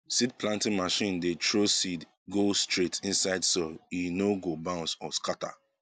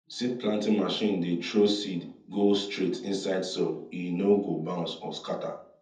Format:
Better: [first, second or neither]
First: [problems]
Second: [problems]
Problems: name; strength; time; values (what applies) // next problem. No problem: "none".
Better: first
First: none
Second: room echo; dies away in 0.6 s